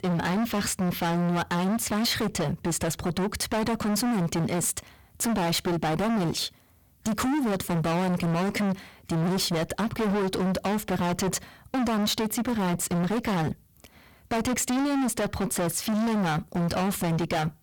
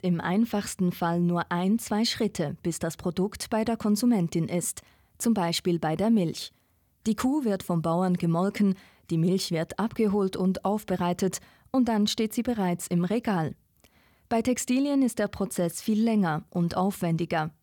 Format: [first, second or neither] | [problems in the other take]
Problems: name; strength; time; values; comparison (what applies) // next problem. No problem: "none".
second | distortion; heavy; 39% of the sound clipped